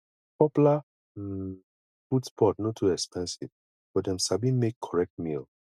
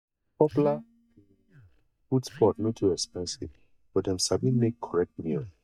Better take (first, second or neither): first